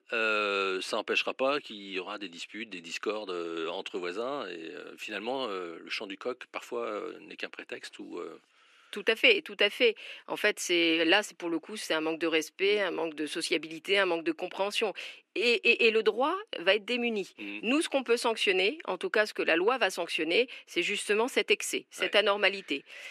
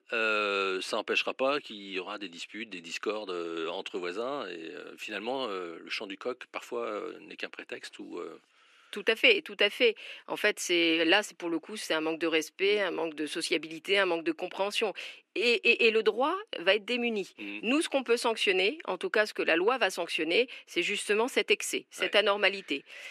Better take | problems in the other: neither | thin; somewhat; fading below 300 Hz; the same in both

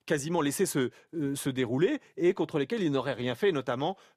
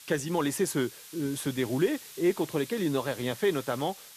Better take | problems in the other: first | hiss; noticeable; throughout; 15 dB below the speech

